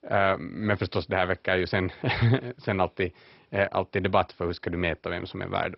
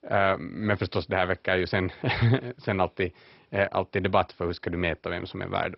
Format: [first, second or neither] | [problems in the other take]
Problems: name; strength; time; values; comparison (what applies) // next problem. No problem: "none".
neither | garbled, watery; badly; nothing above 5.5 kHz; the same in both